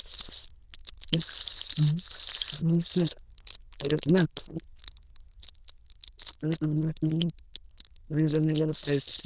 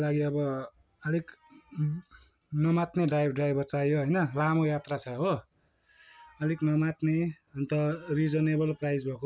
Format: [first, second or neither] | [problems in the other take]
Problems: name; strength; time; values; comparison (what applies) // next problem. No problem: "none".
second | noise reduction (neural diffusion model UNIVERSE++)